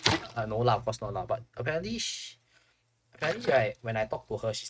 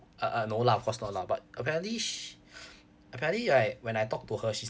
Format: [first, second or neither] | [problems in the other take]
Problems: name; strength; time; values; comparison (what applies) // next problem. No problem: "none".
second | noise reduction (neural mask model RNNoise)